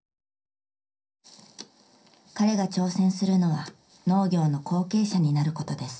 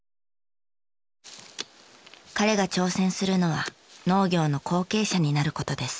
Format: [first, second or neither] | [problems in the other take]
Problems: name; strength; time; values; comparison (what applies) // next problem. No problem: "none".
second | room echo; dies away in 0.3 s